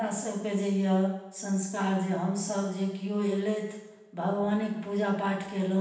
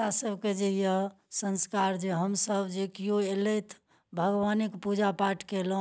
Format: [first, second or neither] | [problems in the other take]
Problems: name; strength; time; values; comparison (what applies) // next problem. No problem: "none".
second | room echo; dies away in 0.9 s